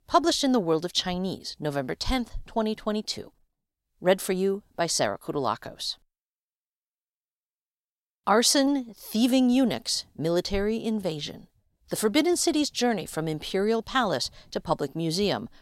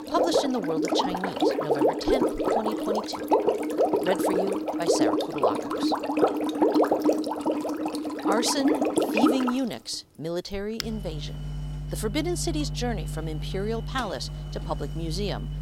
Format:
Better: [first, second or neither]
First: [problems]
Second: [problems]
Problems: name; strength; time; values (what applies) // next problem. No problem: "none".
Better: first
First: none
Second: household noises; very loud; throughout; 4 dB above the speech